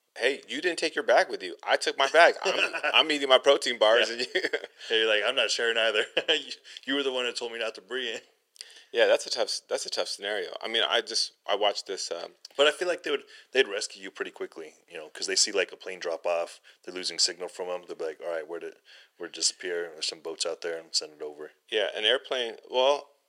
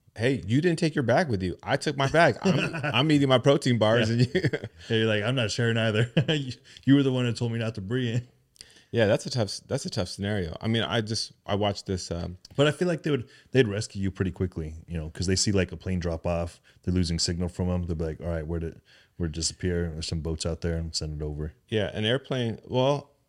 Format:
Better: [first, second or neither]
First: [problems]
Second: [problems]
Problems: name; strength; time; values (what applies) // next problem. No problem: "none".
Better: second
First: thin; very; fading below 450 Hz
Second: none